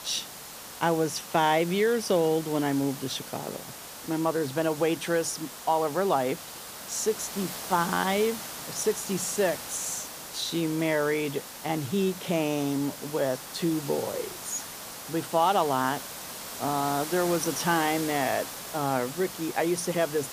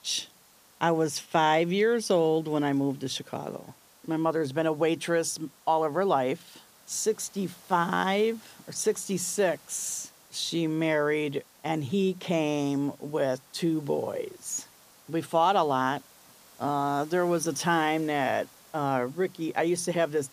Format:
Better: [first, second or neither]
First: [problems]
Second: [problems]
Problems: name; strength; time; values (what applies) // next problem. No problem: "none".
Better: second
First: hiss; loud; throughout; 9 dB below the speech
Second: hiss; faint; throughout; 25 dB below the speech